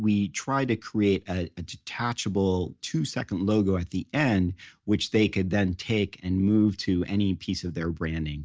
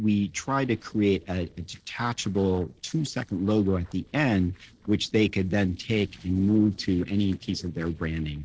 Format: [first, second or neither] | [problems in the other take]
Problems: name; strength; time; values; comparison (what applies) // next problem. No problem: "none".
first | noise reduction (neural separator model SepFormer DNS4)